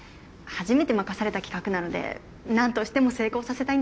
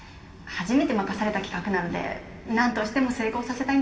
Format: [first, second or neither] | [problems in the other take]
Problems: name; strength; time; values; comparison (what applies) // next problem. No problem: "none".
first | room echo; dies away in 2.5 s